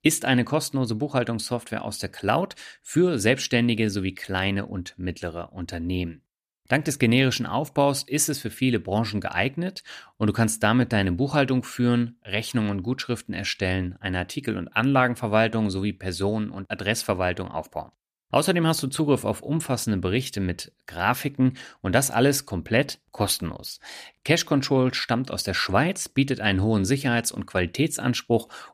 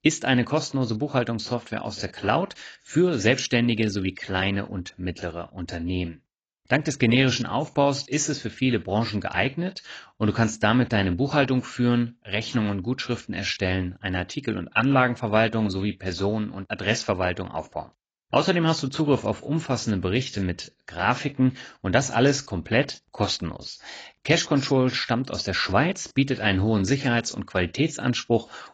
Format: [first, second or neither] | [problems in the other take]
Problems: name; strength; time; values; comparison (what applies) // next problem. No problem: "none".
first | garbled, watery; badly; nothing above 7.5 kHz